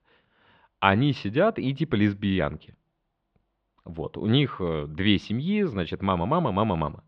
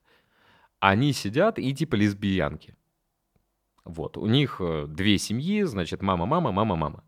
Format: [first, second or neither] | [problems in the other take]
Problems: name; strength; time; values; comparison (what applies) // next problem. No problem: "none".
second | muffled; slightly; fading above 3.5 kHz